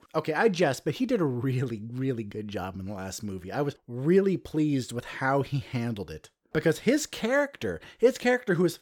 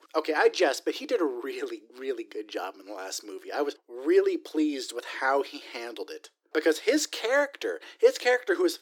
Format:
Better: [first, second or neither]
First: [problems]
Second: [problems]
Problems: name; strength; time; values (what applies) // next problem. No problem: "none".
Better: first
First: none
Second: thin; somewhat; fading below 300 Hz